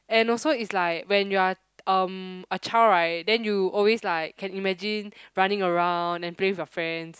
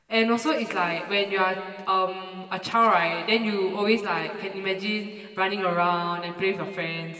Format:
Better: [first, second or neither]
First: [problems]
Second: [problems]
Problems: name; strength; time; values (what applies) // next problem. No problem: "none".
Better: first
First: none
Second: room echo; dies away in 2.6 s